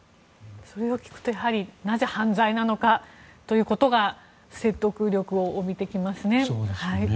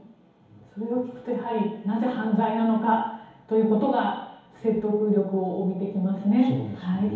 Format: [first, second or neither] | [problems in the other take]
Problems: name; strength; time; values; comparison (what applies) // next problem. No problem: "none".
first | room echo; dies away in 2.2 s